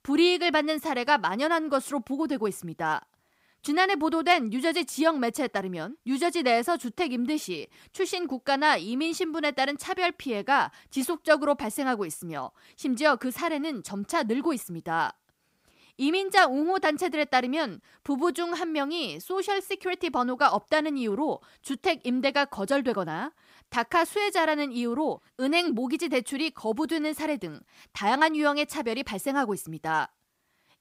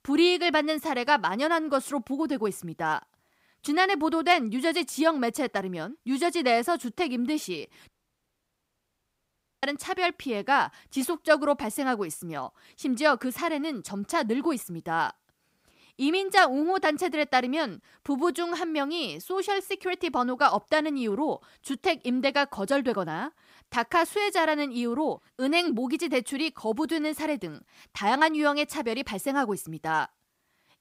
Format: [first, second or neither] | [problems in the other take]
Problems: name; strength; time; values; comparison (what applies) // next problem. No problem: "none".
first | audio cutting out; at 8 s for 2 s